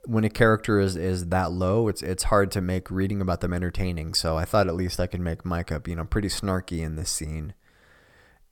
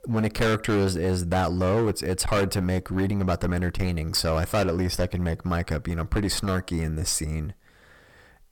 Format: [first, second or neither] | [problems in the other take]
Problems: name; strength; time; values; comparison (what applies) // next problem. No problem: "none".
first | distortion; heavy; 13% of the sound clipped